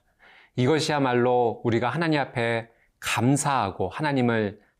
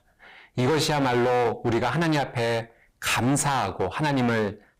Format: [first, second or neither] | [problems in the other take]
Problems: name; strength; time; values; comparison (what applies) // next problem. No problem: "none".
first | distortion; heavy; 17% of the sound clipped